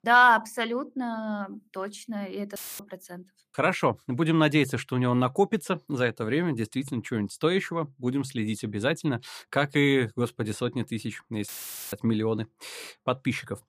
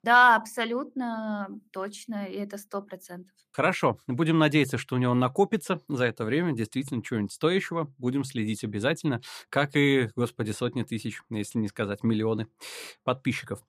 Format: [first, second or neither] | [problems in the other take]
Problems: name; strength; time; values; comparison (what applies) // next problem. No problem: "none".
second | audio cutting out; filled with static; at 2.5 s and at 11 s